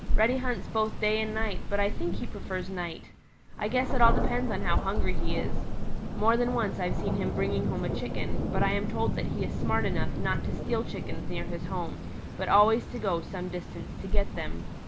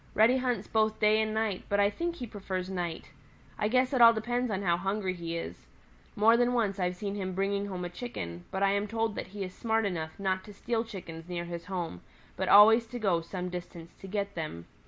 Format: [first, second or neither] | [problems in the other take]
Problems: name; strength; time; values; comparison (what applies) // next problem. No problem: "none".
second | background sound (Thunder); 3 dB above the speech